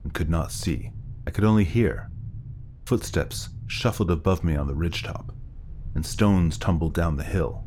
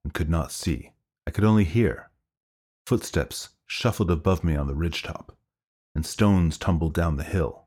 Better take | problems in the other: second | low rumble; faint; throughout; 25 dB below the speech

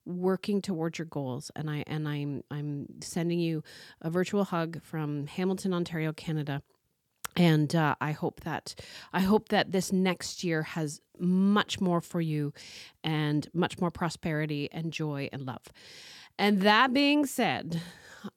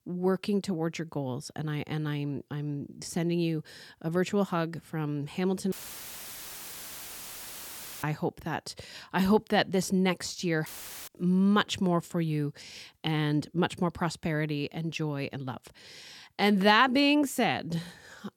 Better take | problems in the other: first | audio cutting out; filled with static; at 5.5 s for 2.5 s and at 11 s

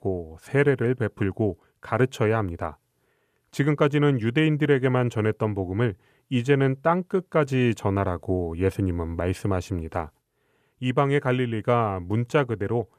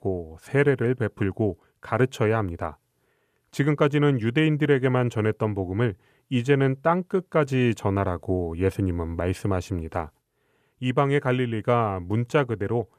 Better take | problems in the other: neither | none

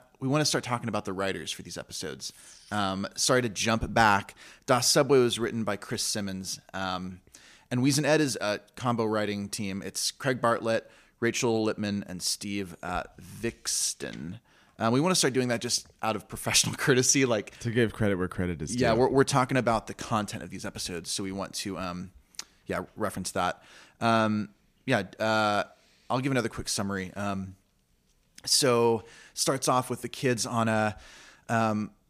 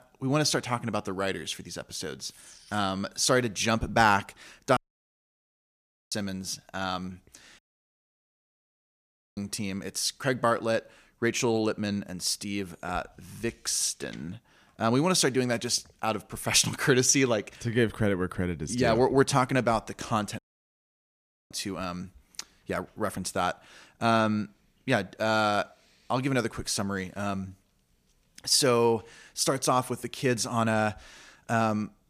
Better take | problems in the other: first | audio cutting out; at 5 s for 1.5 s, at 7.5 s for 2 s and at 20 s for 1 s

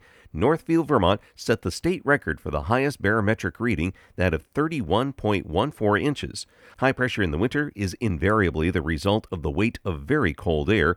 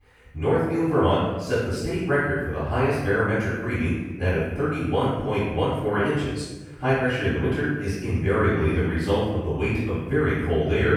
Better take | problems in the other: first | off-mic speech; far // room echo; strong; dies away in 1 s

